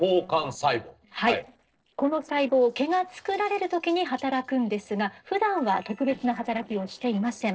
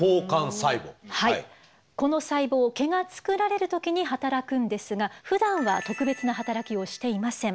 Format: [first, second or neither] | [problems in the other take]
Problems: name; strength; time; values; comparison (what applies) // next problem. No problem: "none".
second | noise reduction (neural separator model SepFormer DNS4)